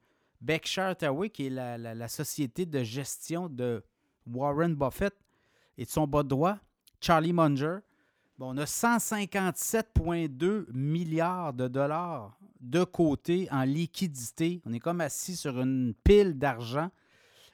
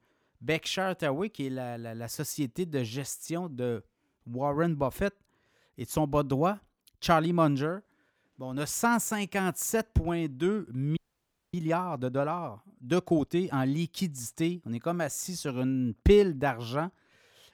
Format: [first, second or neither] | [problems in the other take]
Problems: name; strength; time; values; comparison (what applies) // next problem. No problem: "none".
first | audio freezing; at 11 s for 0.5 s